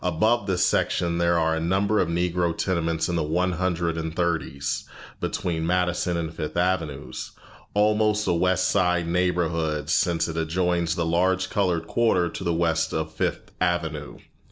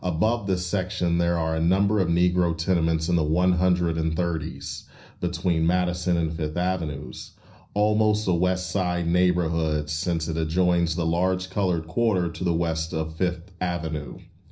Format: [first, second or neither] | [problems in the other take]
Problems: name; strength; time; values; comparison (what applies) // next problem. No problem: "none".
first | room echo; dies away in 0.5 s